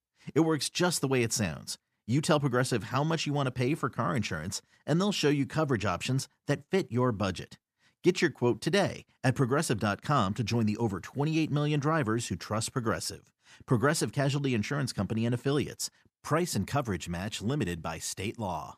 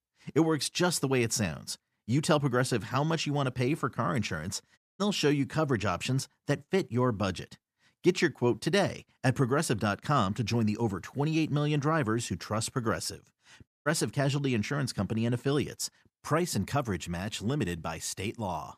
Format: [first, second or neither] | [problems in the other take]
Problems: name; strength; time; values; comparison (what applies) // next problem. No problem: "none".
first | audio cutting out; at 5 s and at 14 s